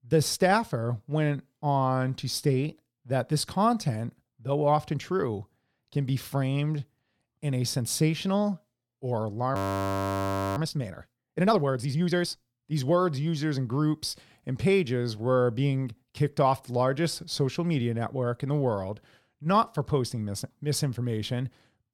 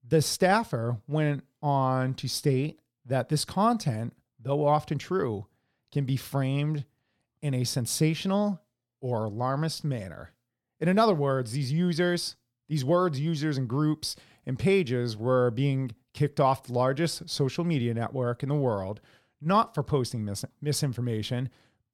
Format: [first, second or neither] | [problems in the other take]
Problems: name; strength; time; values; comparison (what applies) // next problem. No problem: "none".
second | audio freezing; at 9.5 s for 1 s